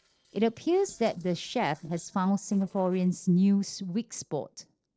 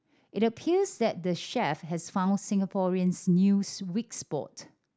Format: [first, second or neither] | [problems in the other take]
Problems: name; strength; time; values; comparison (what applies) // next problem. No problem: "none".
second | noise reduction (neural separator model SepFormer DNS4)